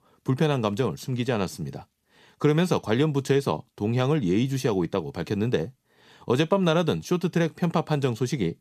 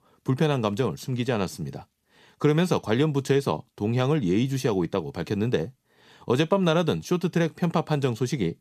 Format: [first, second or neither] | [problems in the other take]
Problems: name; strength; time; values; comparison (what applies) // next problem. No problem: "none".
neither | none